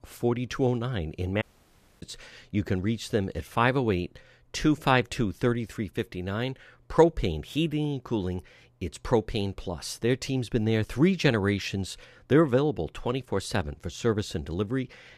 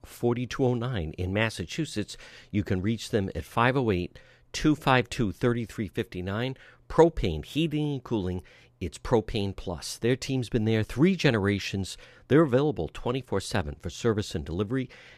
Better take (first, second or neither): second